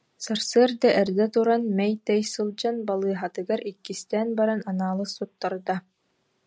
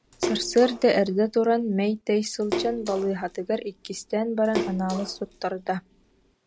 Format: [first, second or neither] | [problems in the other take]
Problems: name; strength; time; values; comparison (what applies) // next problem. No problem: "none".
first | background sound (Splash, splatter); 10 dB below the speech